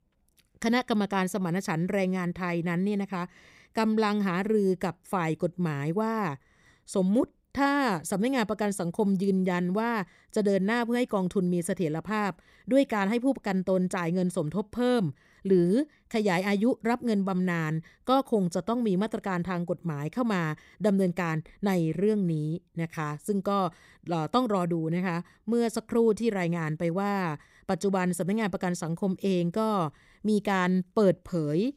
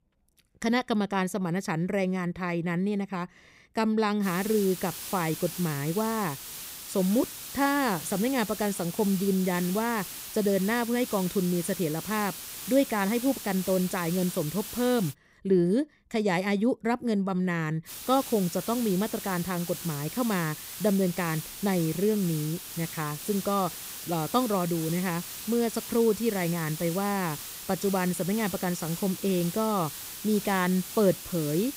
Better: first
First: none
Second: hiss; loud; from 4 to 15 s and from 18 s on; 9 dB below the speech

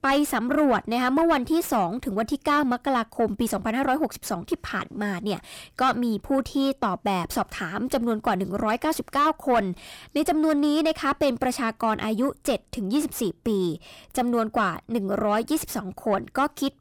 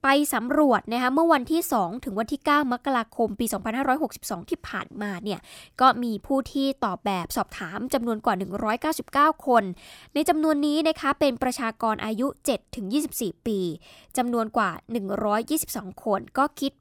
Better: second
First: distortion; slight; 10 dB below the speech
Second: none

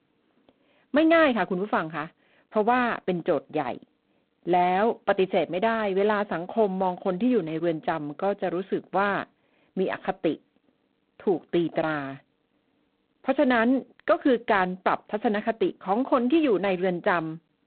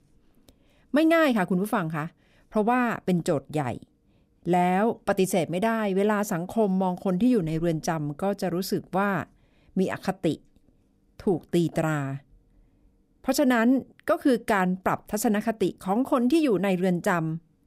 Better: second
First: phone-call audio; poor line; nothing above 4 kHz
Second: none

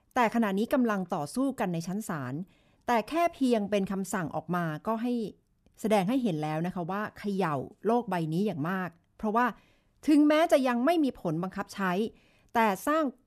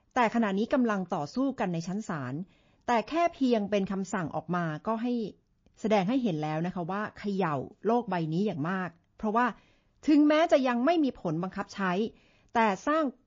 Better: first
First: none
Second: garbled, watery; slightly

